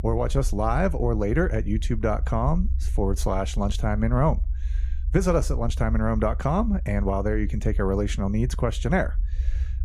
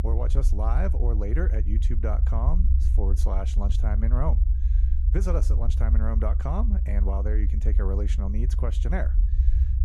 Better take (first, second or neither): first